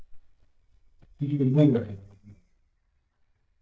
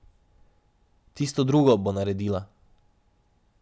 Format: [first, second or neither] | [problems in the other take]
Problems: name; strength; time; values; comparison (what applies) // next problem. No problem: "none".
second | noise reduction (neural mask model DeepFilterNet 3)